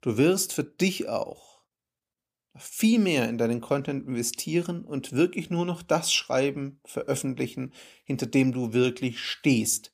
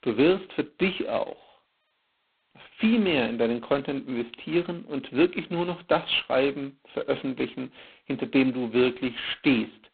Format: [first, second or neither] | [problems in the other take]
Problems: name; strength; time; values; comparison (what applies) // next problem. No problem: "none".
first | phone-call audio; poor line; nothing above 3.5 kHz